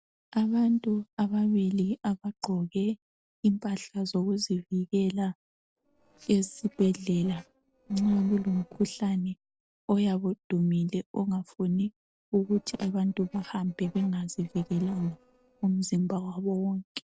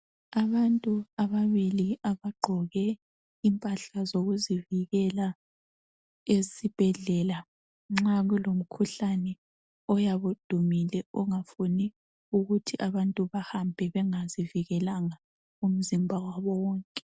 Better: second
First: noise reduction (neural separator model SepFormer DNS4)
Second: none

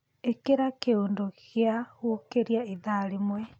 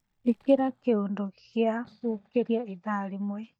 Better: first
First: none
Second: noise reduction (neural mask model DeepFilterNet 3)

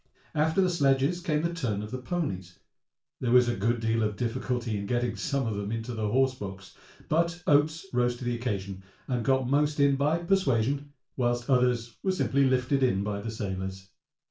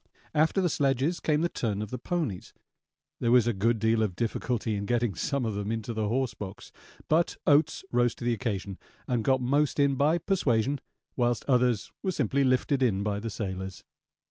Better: second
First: room echo; dies away in 0.3 s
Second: none

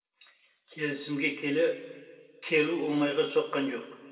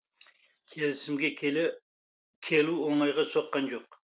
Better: second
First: room echo; dies away in 2.1 s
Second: none

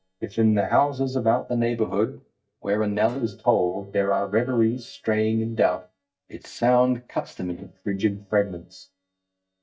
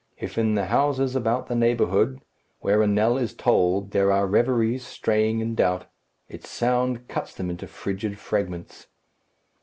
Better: second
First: noise reduction (neural mask model DeepFilterNet 3)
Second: none

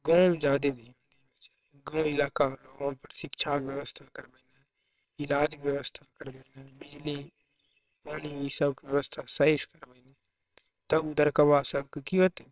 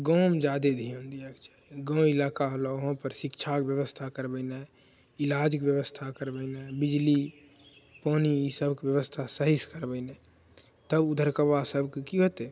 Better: second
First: noise reduction (neural separator model SepFormer WHAMR!)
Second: none

